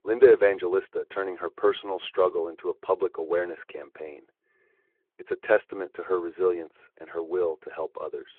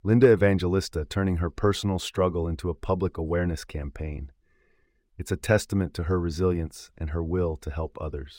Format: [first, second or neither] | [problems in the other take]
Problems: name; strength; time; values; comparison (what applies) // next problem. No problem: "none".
second | phone-call audio